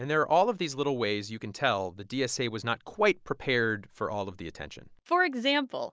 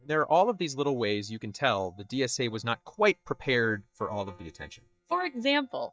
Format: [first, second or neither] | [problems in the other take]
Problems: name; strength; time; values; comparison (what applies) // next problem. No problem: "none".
first | noise reduction (neural mask model DeepFilterNet 3)